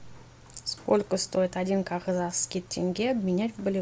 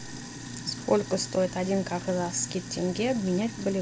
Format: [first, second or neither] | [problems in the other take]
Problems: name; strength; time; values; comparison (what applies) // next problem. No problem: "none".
first | background sound (Sink (filling or washing)); 11 dB below the speech